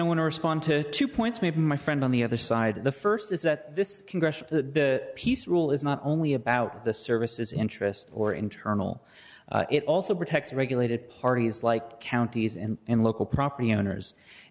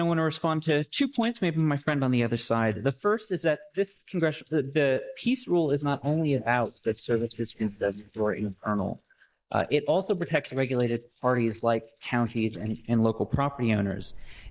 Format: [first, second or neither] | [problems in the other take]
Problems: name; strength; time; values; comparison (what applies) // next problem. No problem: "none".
first | noise reduction (neural mask model Resemble Enhance denoiser)